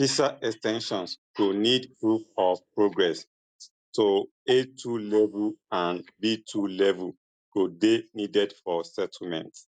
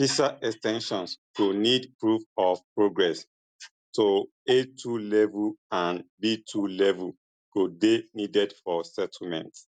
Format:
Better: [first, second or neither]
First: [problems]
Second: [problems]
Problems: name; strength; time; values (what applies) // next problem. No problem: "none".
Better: second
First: noise reduction (neural mask model Resemble Enhance denoiser)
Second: none